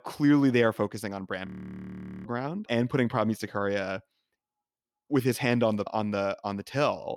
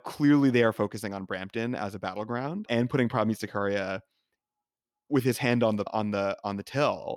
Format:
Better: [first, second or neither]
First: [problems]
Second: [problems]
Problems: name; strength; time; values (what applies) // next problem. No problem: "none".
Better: second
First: audio freezing; at 1.5 s for 1 s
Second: none